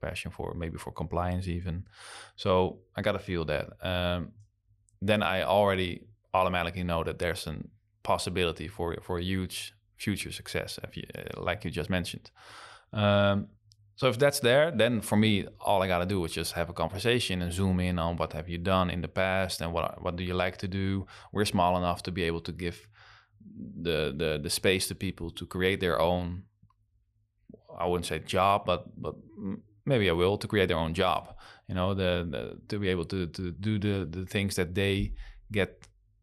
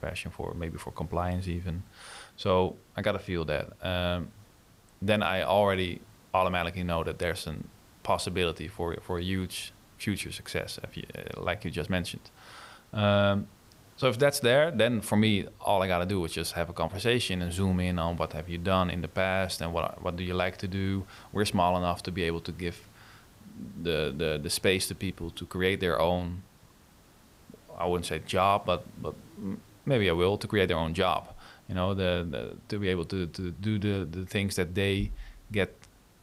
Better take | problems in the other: first | hiss; faint; throughout; 30 dB below the speech

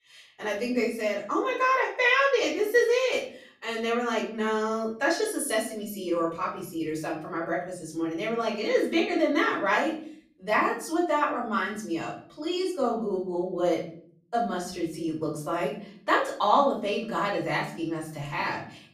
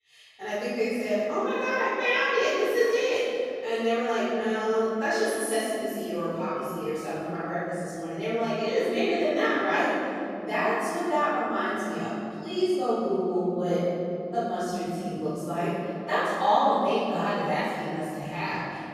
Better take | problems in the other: first | room echo; strong; dies away in 3 s; slight in the first // off-mic speech; far; far in the first

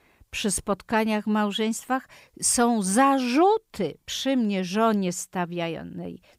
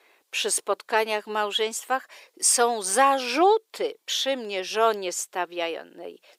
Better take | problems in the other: first | thin; very; fading below 400 Hz

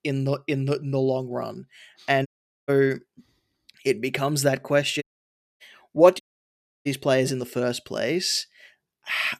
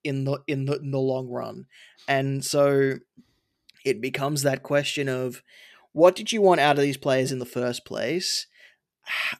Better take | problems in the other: second | audio cutting out; at 2.5 s, at 5 s for 0.5 s and at 6 s for 0.5 s

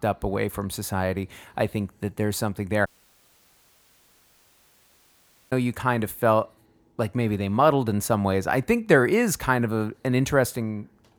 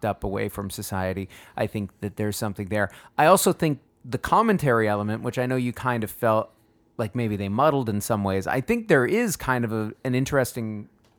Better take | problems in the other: second | audio cutting out; at 3 s for 2.5 s

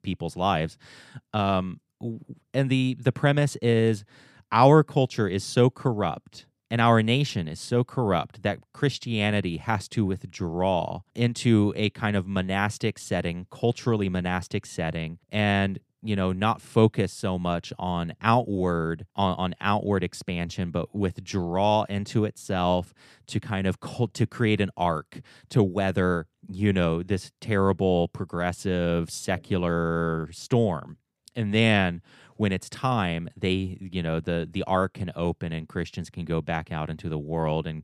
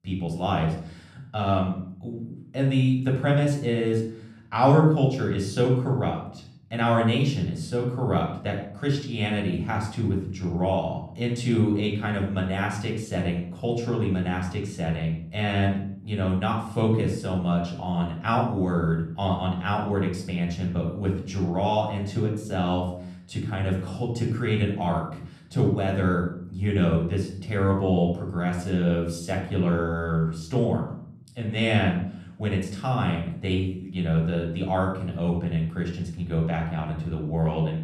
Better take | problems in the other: first | off-mic speech; somewhat distant // room echo; noticeable; dies away in 0.6 s

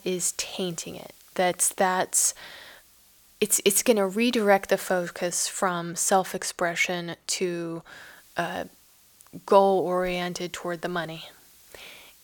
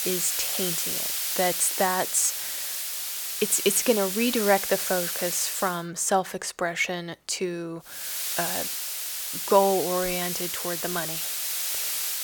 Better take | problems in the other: first | hiss; loud; until 5.5 s and from 8 s on; 1 dB below the speech; faint in the first

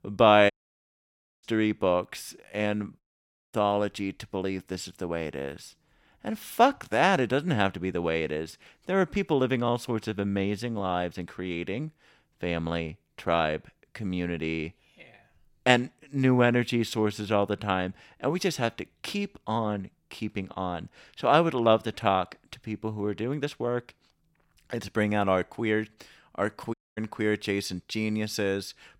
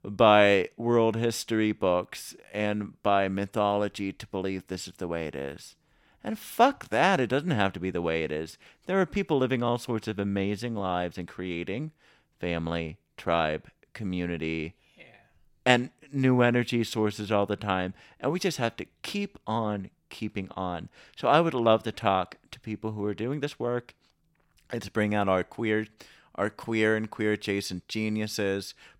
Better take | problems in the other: second | audio cutting out; at 0.5 s for 1 s, at 3 s for 0.5 s and at 27 s

